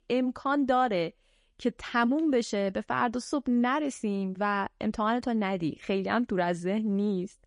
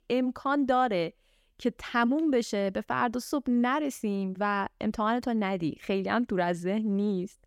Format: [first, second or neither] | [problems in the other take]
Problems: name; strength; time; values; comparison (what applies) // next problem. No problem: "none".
second | garbled, watery; slightly; nothing above 10.5 kHz